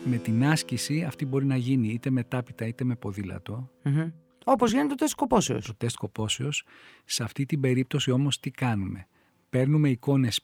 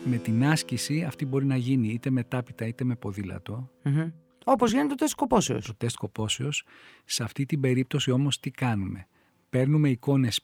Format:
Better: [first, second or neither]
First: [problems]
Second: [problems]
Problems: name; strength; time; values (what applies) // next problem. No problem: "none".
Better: neither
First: background music; faint; throughout; 20 dB below the speech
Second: background music; faint; throughout; 20 dB below the speech